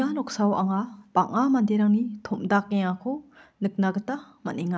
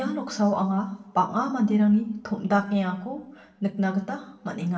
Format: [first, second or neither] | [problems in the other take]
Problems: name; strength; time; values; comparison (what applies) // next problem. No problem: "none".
first | room echo; dies away in 0.8 s